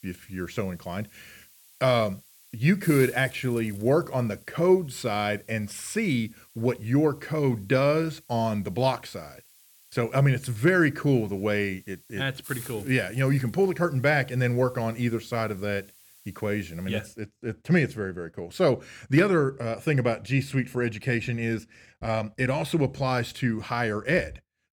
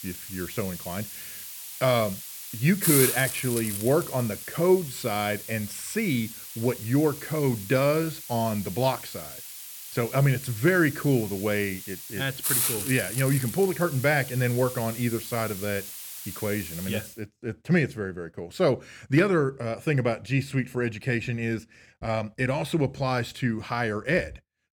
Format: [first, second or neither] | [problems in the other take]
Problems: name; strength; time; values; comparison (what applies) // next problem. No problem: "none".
first | hiss; loud; until 17 s; 6 dB below the speech; faint in the first